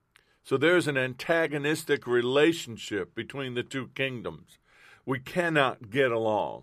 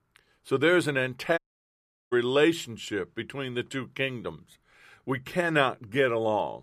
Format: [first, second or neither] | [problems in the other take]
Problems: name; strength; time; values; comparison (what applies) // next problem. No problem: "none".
first | audio cutting out; at 1.5 s for 0.5 s